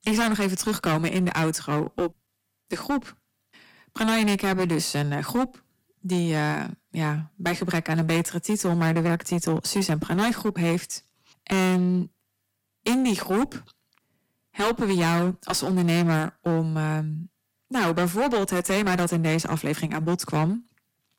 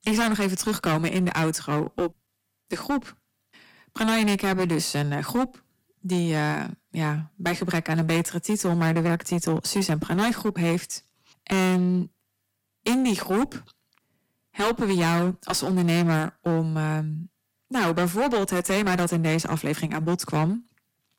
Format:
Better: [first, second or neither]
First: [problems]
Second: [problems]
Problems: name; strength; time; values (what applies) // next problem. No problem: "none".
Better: neither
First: distortion; heavy; 17% of the sound clipped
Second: distortion; heavy; 17% of the sound clipped